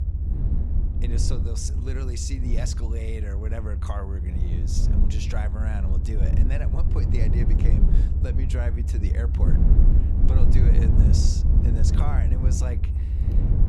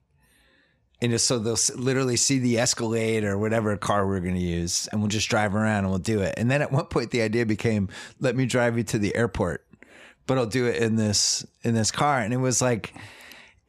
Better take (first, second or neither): second